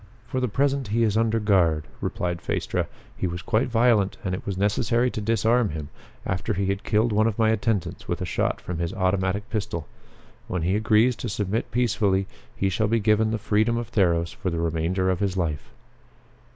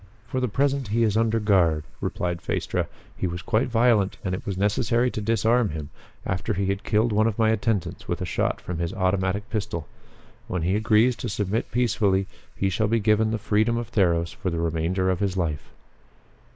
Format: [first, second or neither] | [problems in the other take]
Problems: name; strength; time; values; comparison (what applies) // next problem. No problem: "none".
first | noise reduction (neural mask model Resemble Enhance denoiser)